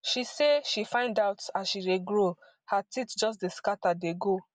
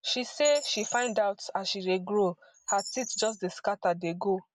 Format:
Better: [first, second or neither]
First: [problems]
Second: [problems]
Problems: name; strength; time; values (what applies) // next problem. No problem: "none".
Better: first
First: none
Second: background sound (Bird); 13 dB below the speech